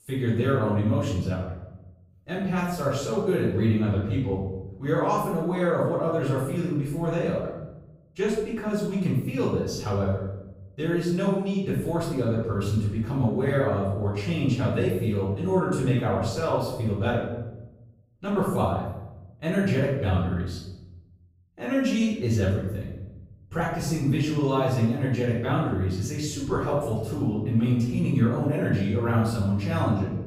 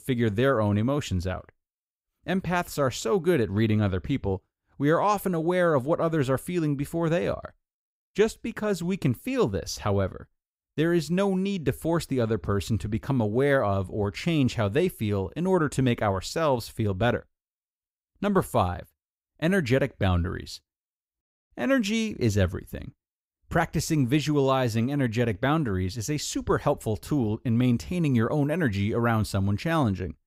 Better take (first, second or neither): second